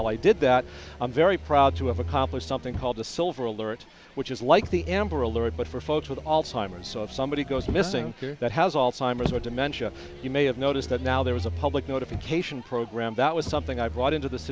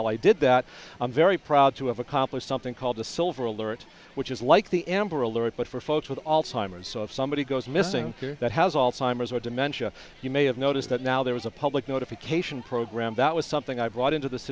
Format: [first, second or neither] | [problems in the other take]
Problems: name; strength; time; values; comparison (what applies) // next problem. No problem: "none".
second | background sound (Motor vehicle (road)); 10 dB below the speech